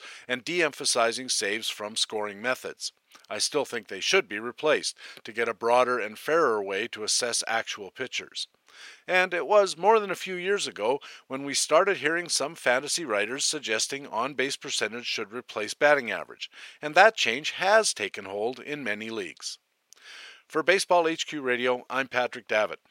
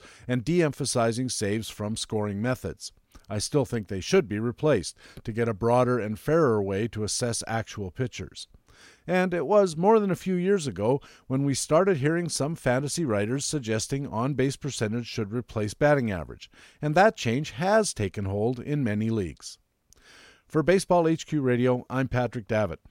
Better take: second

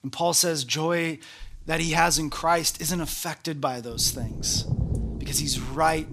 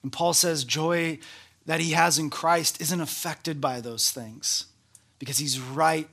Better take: second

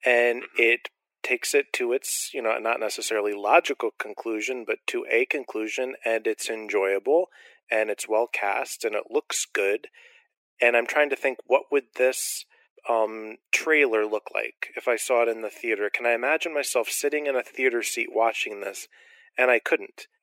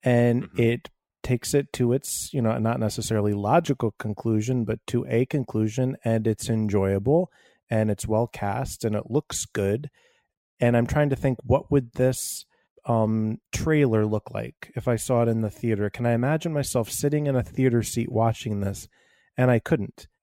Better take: second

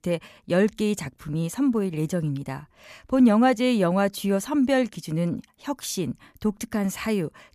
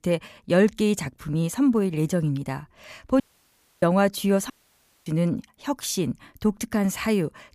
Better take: first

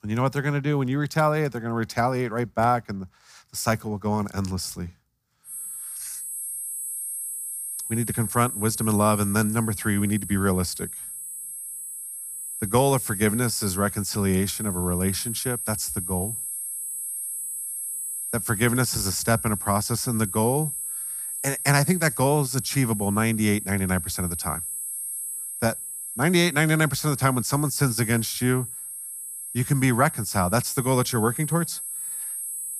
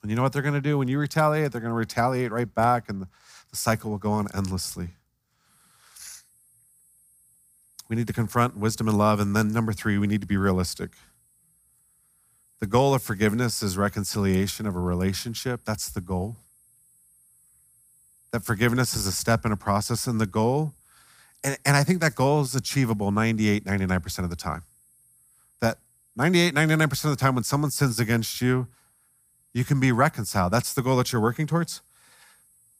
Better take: second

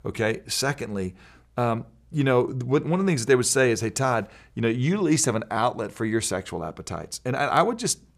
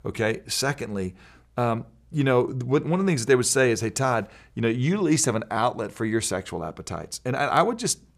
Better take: neither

